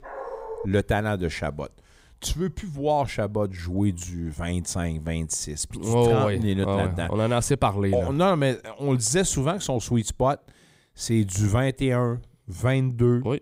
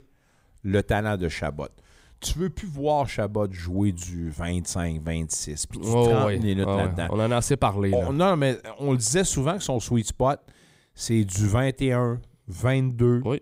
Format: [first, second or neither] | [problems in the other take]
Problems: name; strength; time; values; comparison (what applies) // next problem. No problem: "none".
second | dog barking; faint; at the start; peak 10 dB below the speech